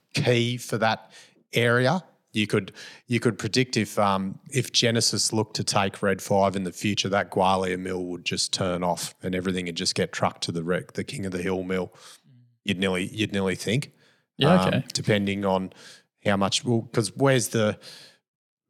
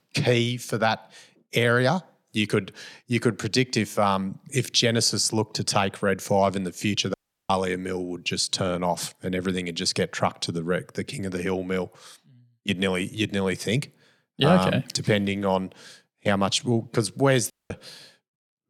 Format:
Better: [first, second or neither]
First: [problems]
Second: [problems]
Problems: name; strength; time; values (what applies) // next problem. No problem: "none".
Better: first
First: none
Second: audio cutting out; at 7 s and at 18 s